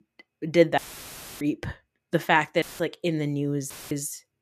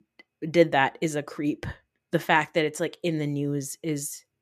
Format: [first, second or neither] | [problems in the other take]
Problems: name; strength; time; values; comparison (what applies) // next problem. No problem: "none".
second | audio cutting out; filled with static; at 1 s for 0.5 s, at 2.5 s and at 3.5 s